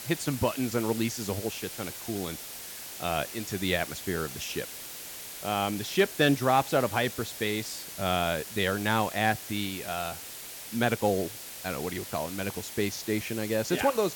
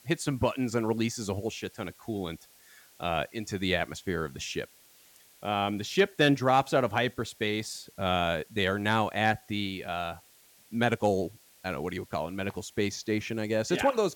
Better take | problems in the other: second | hiss; loud; throughout; 9 dB below the speech; faint in the second

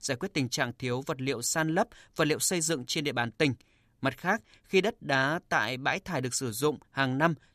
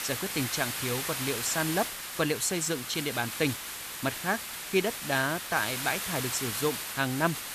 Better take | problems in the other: first | hiss; loud; throughout; 3 dB below the speech

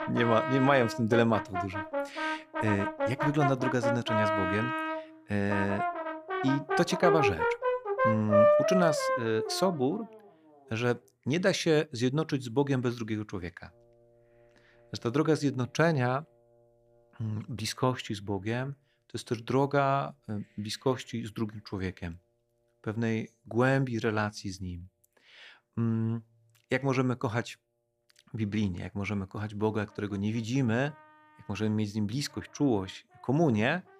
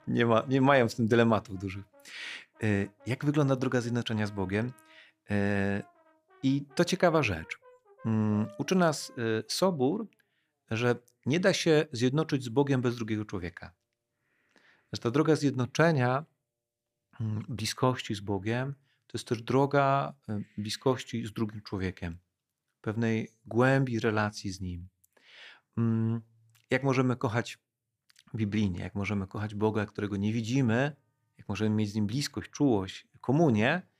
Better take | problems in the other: second | background music; loud; throughout; as loud as the speech; faint in the second

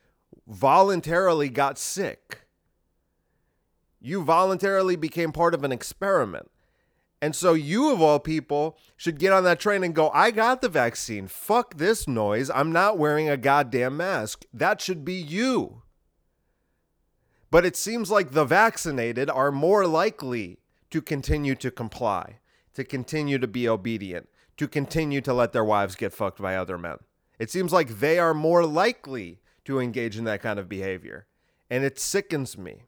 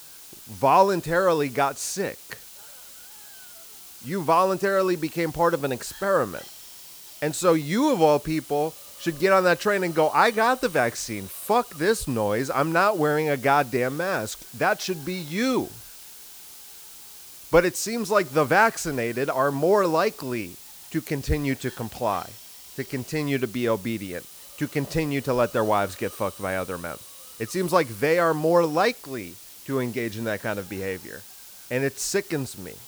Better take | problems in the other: first | hiss; noticeable; throughout; 15 dB below the speech

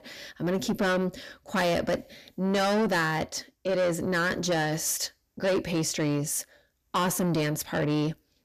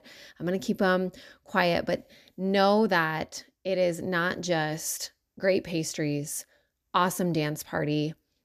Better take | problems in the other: second | distortion; heavy; 7 dB below the speech

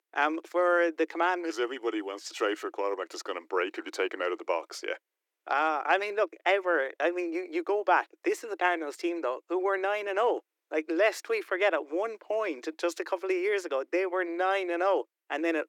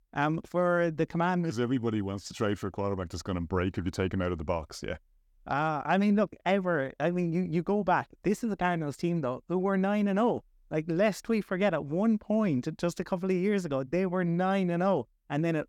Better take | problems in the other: second | thin; very; fading below 300 Hz

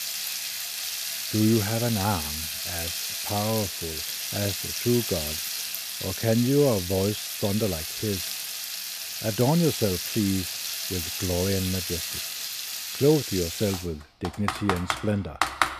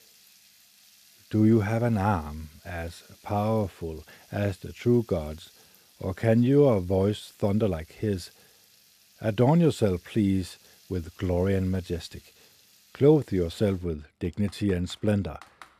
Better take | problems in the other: second | household noises; loud; throughout; 2 dB below the speech; faint in the second

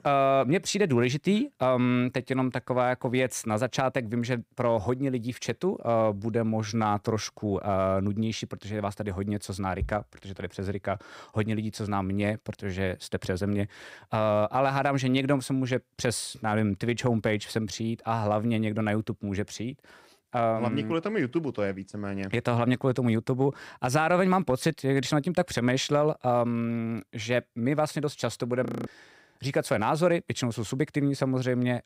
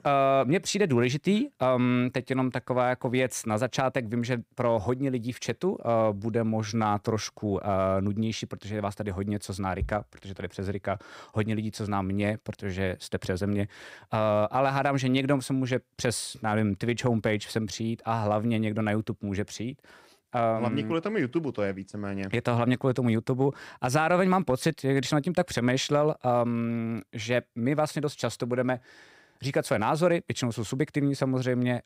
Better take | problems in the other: second | audio freezing; at 29 s

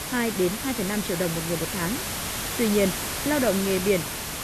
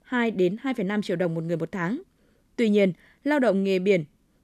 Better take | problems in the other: second | hiss; loud; throughout; 2 dB below the speech

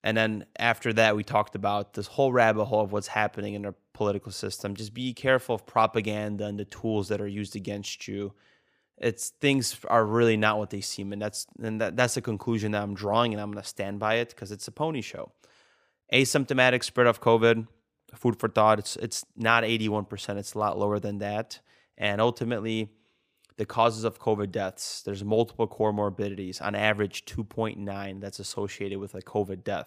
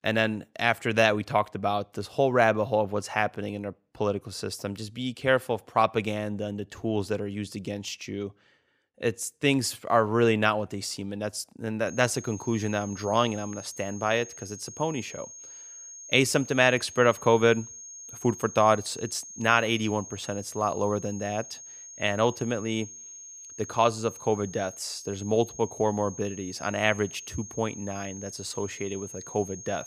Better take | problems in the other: first | high-pitched whine; noticeable; from 12 s on; 6.5 kHz, 15 dB below the speech

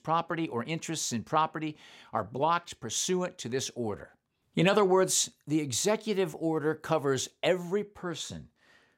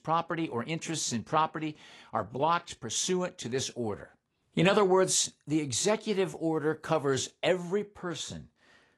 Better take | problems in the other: first | garbled, watery; slightly

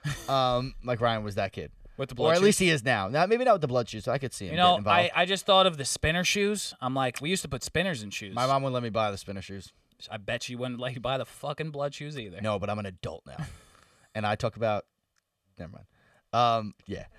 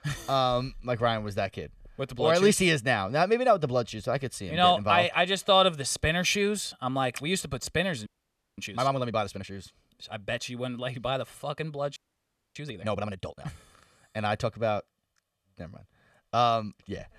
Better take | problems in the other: first | audio freezing; at 8 s for 0.5 s and at 12 s for 0.5 s

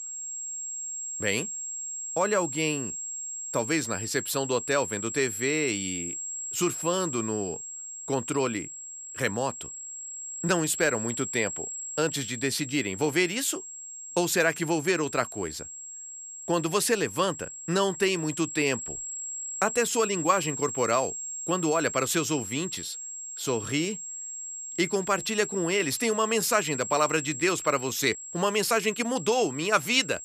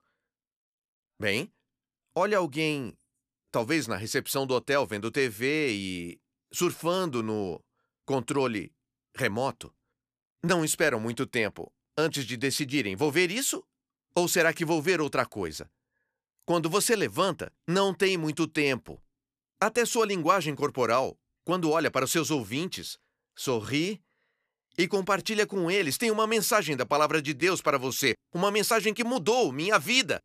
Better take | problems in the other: second | high-pitched whine; loud; throughout; 7.5 kHz, 7 dB below the speech

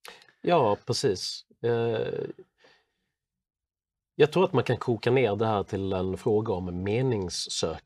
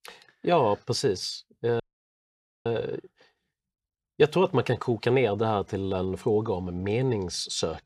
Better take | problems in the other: first | audio freezing; at 2 s for 1 s

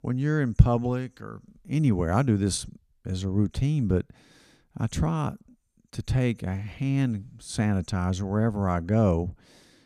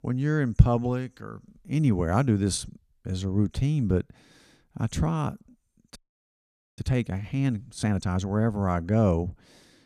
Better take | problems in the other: first | audio freezing; at 6 s for 1 s

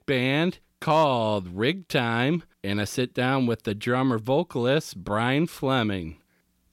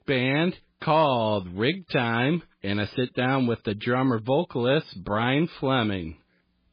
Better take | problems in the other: first | garbled, watery; badly

